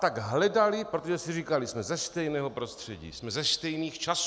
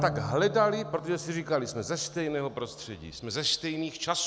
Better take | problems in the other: first | background sound (Bowed string instrument); 12 dB below the speech

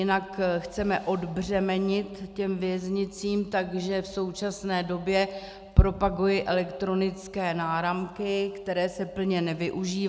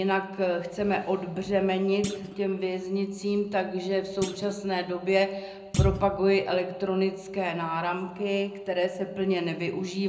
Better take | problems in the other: first | background sound (Thump, thud); 16 dB below the speech // room echo; dies away in 0.4 s

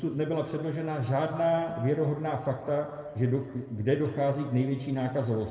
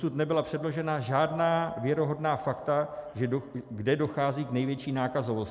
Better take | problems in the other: second | room echo; dies away in 1.6 s

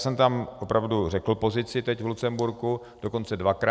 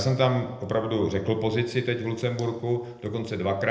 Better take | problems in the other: first | room echo; dies away in 0.7 s

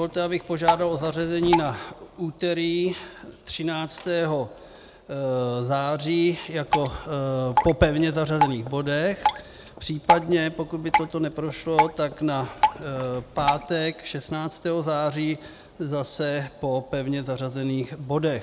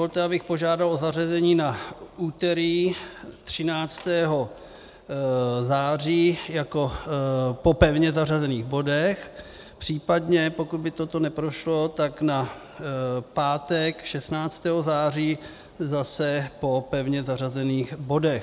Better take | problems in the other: second | background sound (Drip); 5 dB below the speech

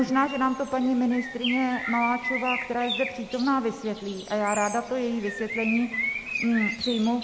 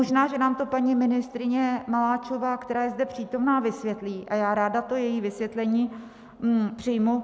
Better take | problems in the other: second | background sound (Bird); 7 dB below the speech

